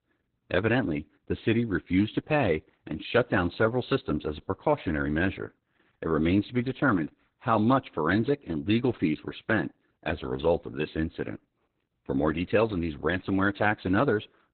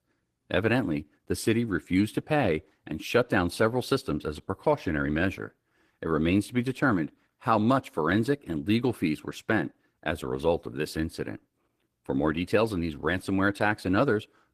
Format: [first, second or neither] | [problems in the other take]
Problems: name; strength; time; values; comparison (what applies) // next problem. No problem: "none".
second | garbled, watery; badly; nothing above 4 kHz; slightly in the second